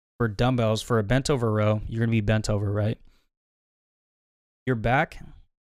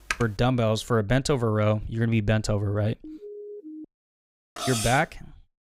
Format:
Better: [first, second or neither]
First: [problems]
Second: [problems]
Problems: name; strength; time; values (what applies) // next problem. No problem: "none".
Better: first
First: none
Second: keyboard typing; noticeable; at the start; peak 7 dB below the speech // siren; faint; at 3 s; peak 15 dB below the speech // clattering dishes; noticeable; at 4.5 s; peak 3 dB below the speech